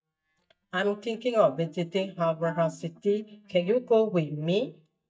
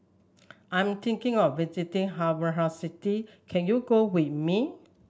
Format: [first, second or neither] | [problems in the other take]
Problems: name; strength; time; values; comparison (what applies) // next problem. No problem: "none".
second | noise reduction (neural mask model DeepFilterNet 3)